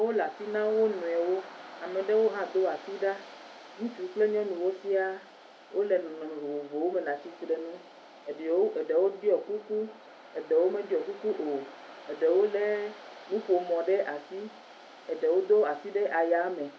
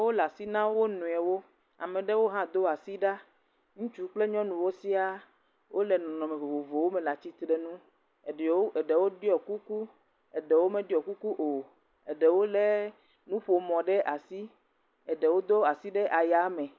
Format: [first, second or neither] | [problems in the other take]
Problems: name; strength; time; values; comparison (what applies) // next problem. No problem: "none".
second | background sound (Waves, surf); 19 dB below the speech // room echo; dies away in 0.3 s